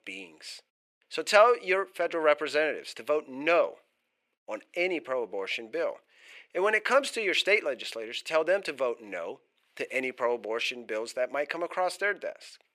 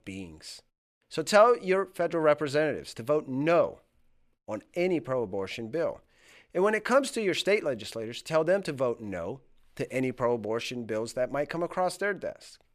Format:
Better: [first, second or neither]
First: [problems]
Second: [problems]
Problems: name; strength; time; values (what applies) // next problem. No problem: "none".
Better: second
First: thin; somewhat; fading below 400 Hz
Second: none